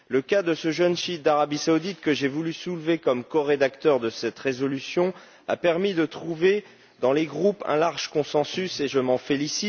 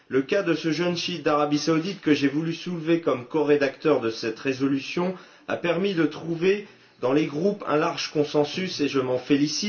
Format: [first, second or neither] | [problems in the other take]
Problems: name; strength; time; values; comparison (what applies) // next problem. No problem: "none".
first | room echo; dies away in 0.2 s